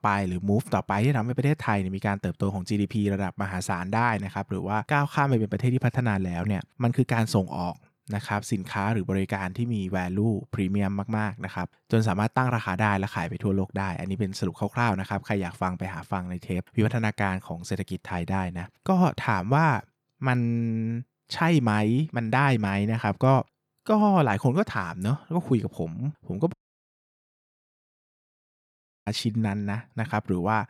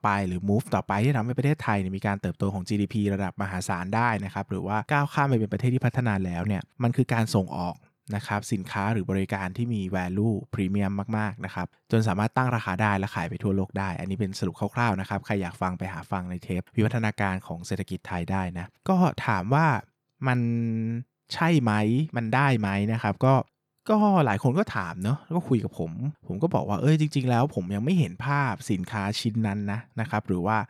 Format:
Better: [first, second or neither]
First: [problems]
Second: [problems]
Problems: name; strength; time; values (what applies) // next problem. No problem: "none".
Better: second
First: audio cutting out; at 27 s for 2.5 s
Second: none